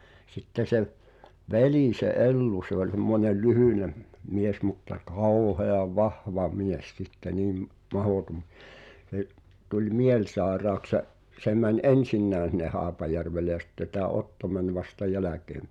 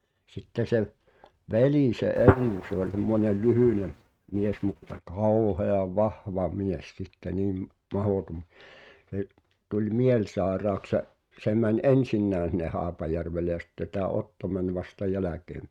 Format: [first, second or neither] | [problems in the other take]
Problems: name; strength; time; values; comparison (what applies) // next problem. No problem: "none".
first | noise reduction (neural mask model RNNoise)